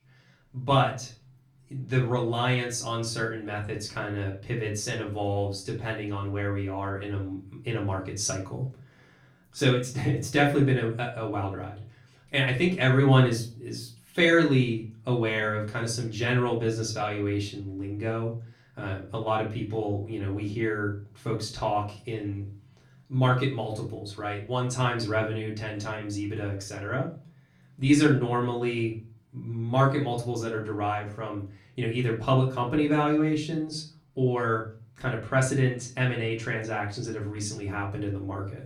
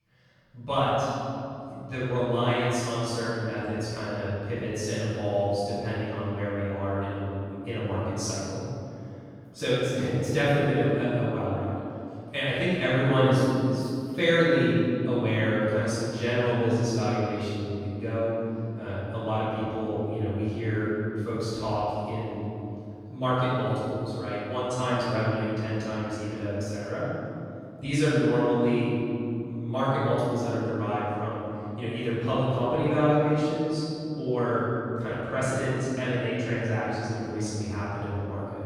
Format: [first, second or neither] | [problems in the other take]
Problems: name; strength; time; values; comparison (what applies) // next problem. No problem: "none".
first | room echo; strong; dies away in 2.9 s; slight in the first // off-mic speech; far; far in the first